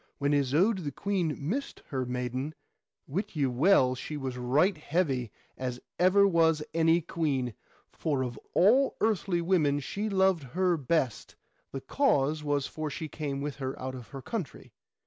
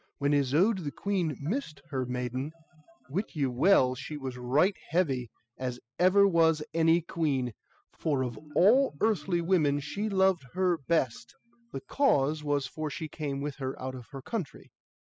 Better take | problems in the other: first | noise reduction (classical method spectral subtraction)

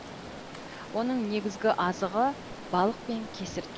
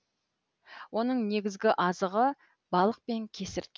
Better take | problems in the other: second | background sound (Stream); 11 dB below the speech

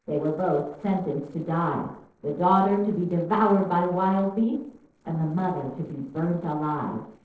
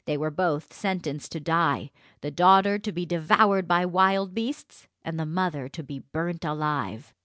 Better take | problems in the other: second | noise reduction (neural separator model SepFormer DNS4)

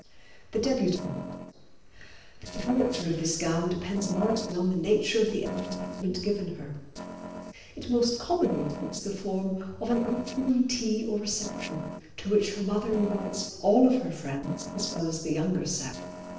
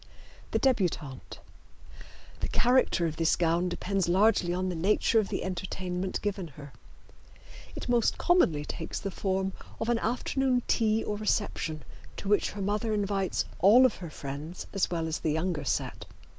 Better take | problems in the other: second | noise reduction (neural separator model SepFormer DNS4)

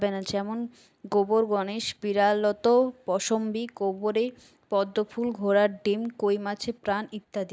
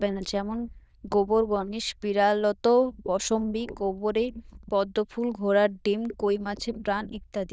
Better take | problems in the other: first | noise reduction (neural diffusion model UNIVERSE++)

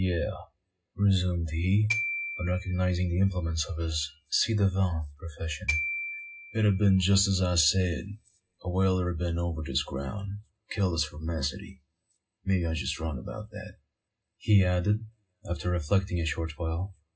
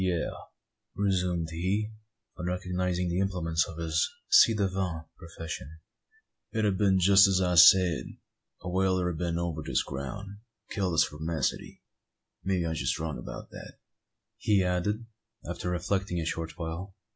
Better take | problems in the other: second | background sound (Glockenspiel); 10 dB below the speech // room echo; dies away in 0.2 s

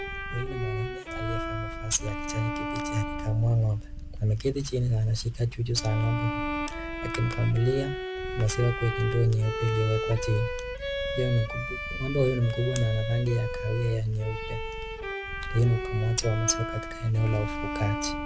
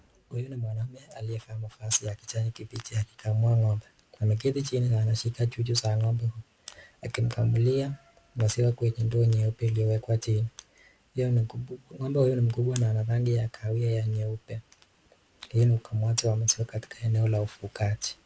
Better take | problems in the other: second | background sound (Bowed string instrument + Purr); 5 dB below the speech

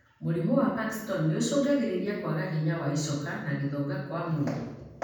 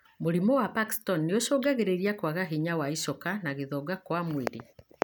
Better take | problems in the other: second | room echo; dies away in 1.2 s

